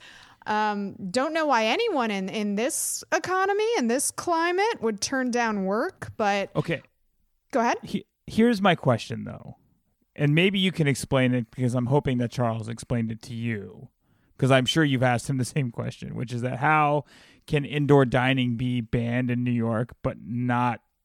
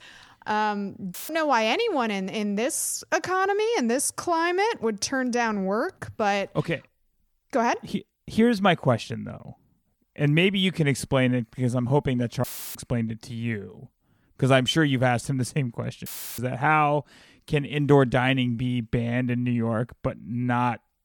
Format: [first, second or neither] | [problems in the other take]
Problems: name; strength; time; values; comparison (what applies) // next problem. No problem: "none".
first | audio cutting out; filled with static; at 1 s, at 12 s and at 16 s